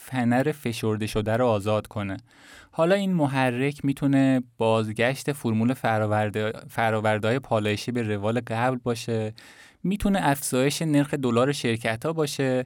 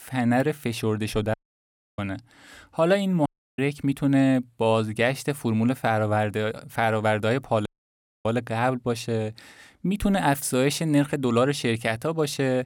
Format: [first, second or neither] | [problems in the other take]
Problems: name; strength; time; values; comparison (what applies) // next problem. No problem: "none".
first | audio cutting out; at 1.5 s for 0.5 s, at 3.5 s and at 7.5 s for 0.5 s